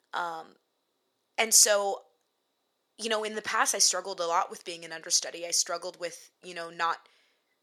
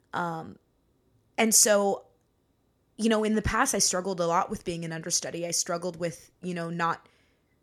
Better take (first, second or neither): second